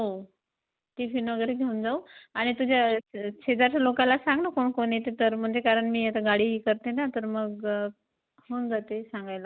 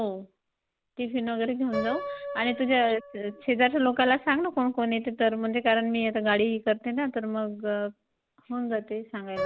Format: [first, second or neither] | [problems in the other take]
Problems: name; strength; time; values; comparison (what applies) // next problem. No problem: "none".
first | background sound (Piano); 15 dB below the speech